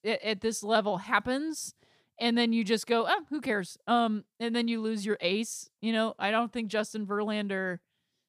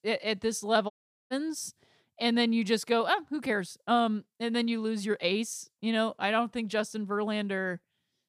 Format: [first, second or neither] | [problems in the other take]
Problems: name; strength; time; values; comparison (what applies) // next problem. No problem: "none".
first | audio cutting out; at 1 s